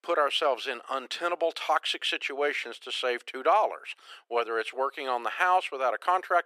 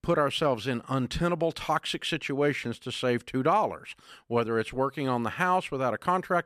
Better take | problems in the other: second | thin; very; fading below 350 Hz

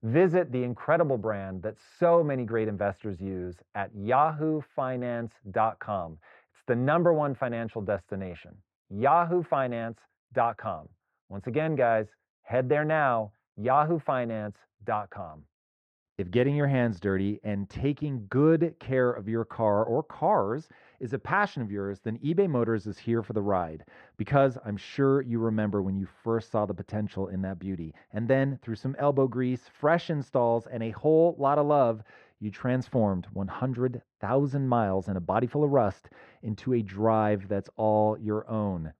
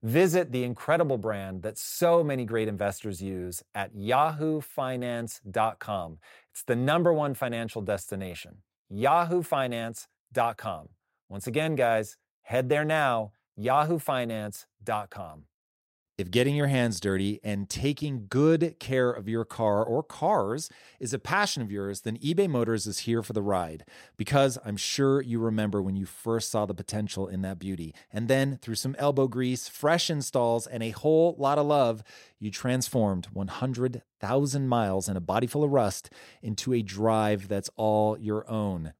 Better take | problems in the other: second | muffled; very; fading above 1.5 kHz

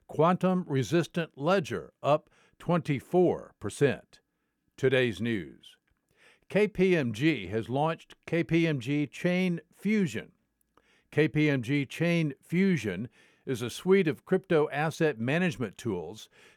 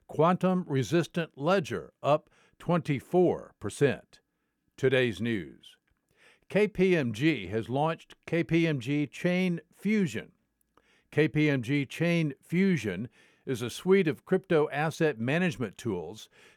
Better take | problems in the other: neither | none

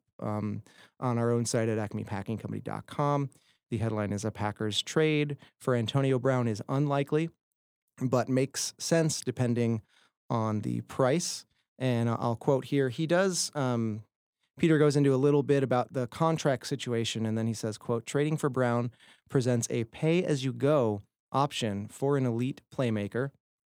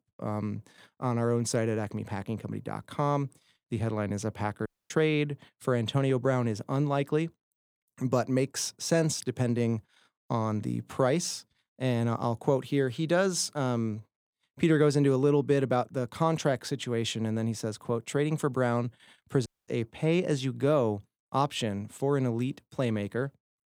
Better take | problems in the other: first | audio cutting out; at 4.5 s and at 19 s

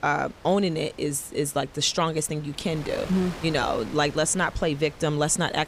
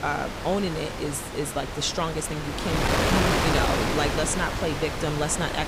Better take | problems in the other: first | wind noise on the microphone; heavy; 1 dB above the speech; occasional gusts in the first

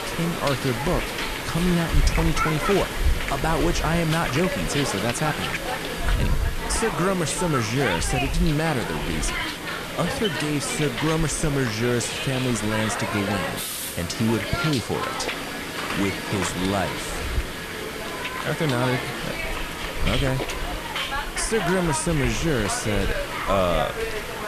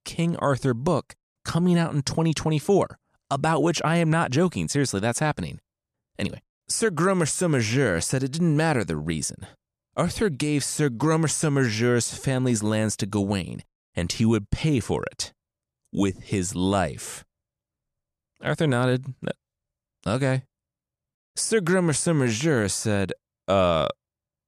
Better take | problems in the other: second | hiss; loud; throughout; 2 dB below the speech

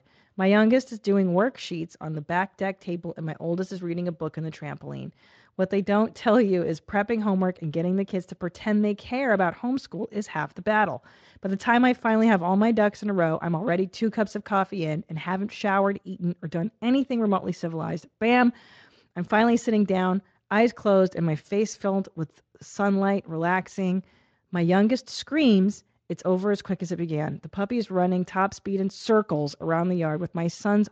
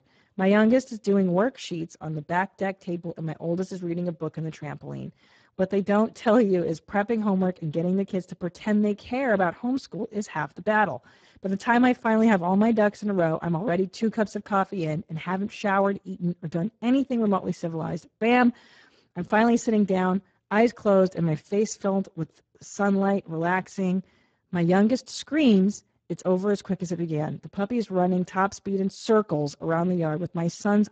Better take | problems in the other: first | garbled, watery; badly; nothing above 7.5 kHz; slightly in the first

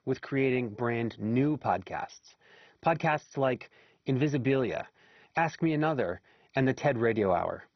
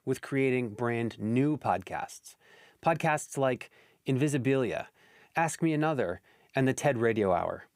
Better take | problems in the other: second | garbled, watery; badly; nothing above 6 kHz

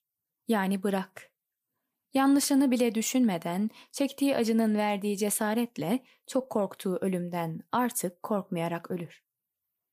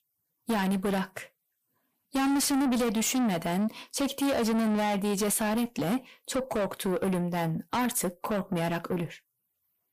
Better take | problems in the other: first | distortion; heavy; 7 dB below the speech

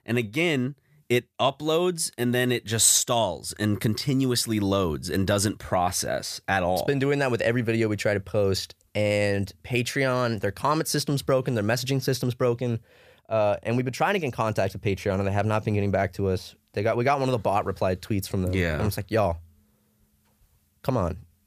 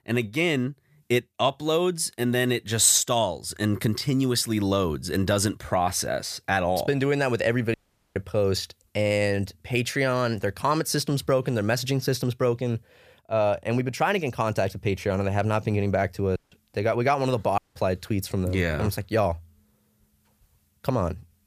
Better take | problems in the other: first | audio cutting out; at 7.5 s, at 16 s and at 18 s

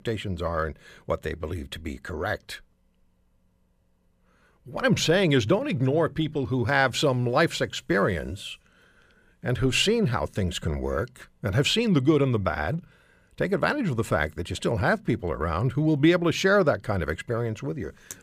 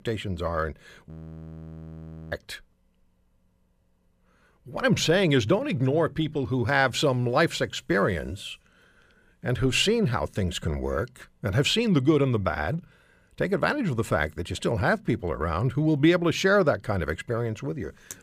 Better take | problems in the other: first | audio freezing; at 1 s for 1 s

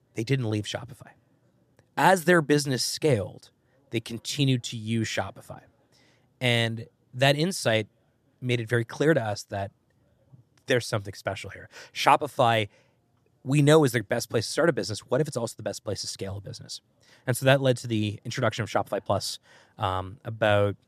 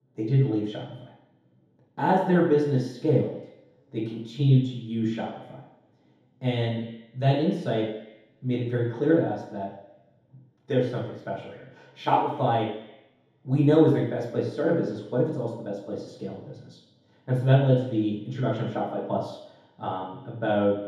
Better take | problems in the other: first | room echo; noticeable; dies away in 2 s // off-mic speech; far

